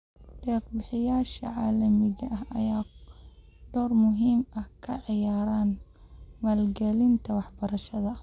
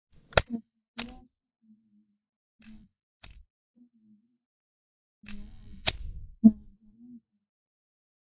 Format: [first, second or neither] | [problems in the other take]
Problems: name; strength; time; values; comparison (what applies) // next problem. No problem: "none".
first | noise reduction (neural mask model DeepFilterNet 3)